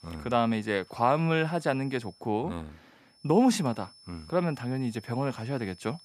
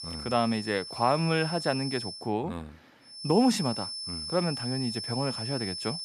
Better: first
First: high-pitched whine; faint; until 2 s and from 3 s on; 5.5 kHz, 25 dB below the speech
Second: high-pitched whine; loud; until 2 s and from 3 s on; 5.5 kHz, 6 dB below the speech

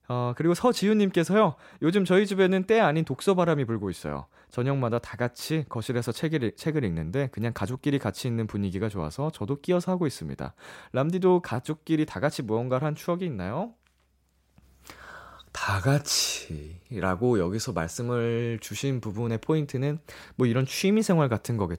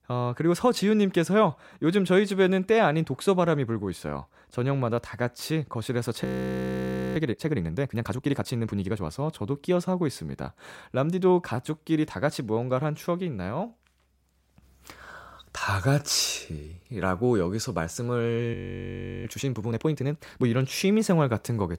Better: first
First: none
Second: audio freezing; at 6 s for 1 s and at 19 s for 0.5 s

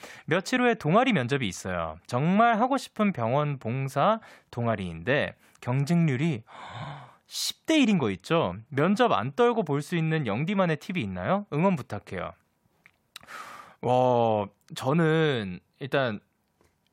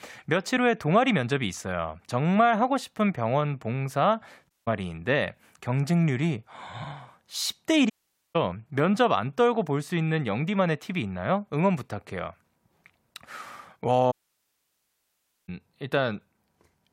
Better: first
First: none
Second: audio cutting out; at 4.5 s, at 8 s and at 14 s for 1.5 s

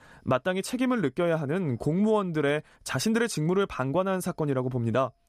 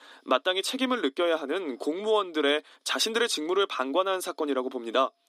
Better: first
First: none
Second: thin; somewhat; fading below 250 Hz

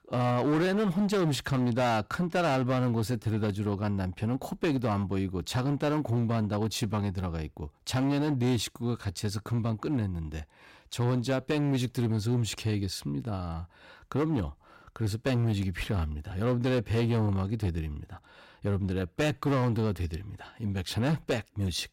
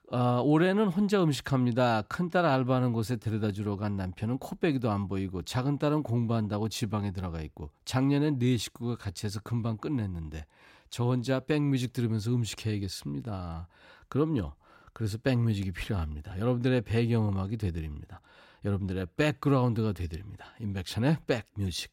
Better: second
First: distortion; slight; 13% of the sound clipped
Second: none

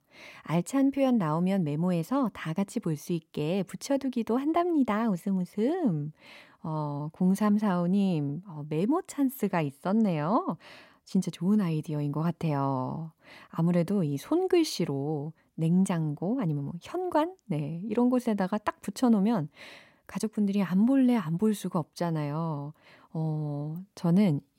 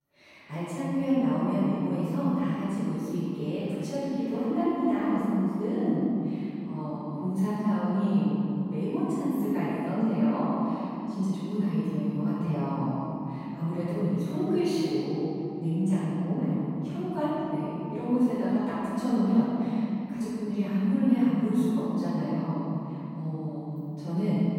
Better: first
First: none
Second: room echo; strong; dies away in 3 s // off-mic speech; far

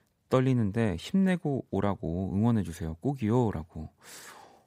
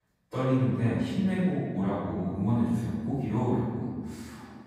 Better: first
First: none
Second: off-mic speech; far // room echo; strong; dies away in 1.7 s

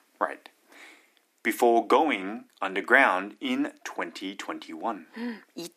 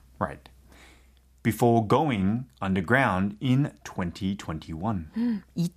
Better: second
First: thin; somewhat; fading below 300 Hz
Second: none

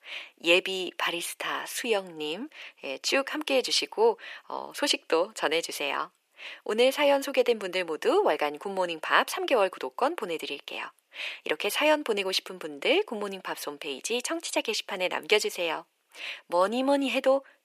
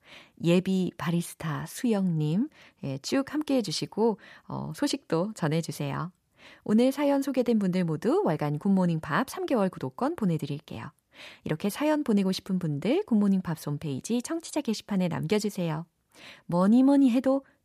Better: second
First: thin; very; fading below 400 Hz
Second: none

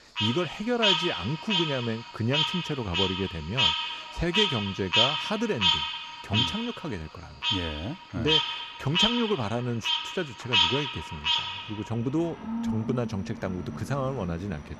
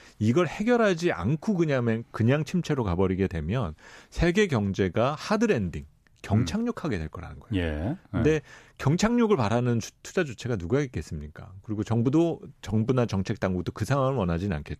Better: second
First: animal sounds; very loud; throughout; 4 dB above the speech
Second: none

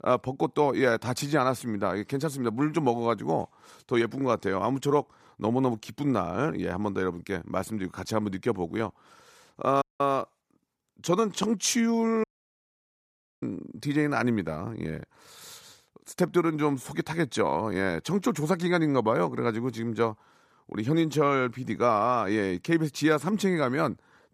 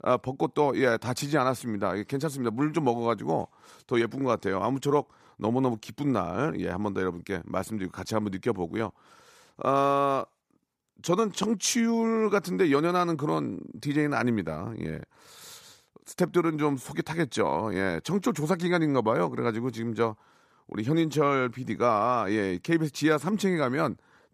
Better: second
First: audio cutting out; at 10 s and at 12 s for 1 s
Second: none

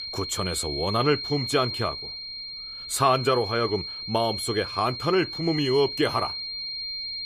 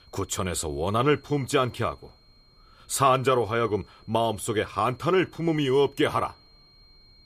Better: second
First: high-pitched whine; loud; throughout; 4 kHz, 6 dB below the speech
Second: high-pitched whine; faint; throughout; 4 kHz, 30 dB below the speech

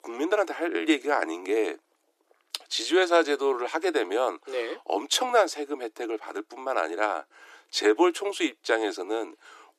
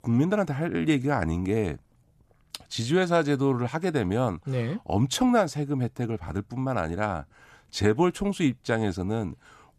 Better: second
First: thin; very; fading below 300 Hz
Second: none

